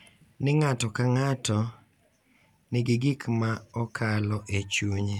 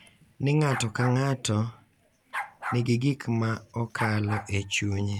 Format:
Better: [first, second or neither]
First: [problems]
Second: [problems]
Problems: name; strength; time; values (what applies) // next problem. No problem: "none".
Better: first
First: none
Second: background sound (Bark); 12 dB below the speech